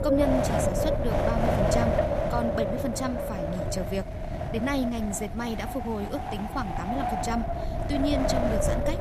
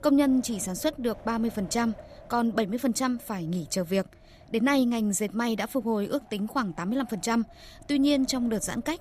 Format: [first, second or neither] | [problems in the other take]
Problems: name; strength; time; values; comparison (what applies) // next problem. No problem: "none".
second | wind noise on the microphone; heavy; 4 dB above the speech; occasional gusts in the second